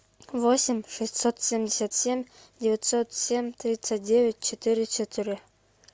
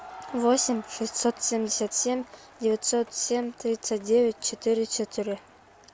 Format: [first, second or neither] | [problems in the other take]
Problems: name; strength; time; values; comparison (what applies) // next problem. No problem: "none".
first | background sound (Crowd); 20 dB below the speech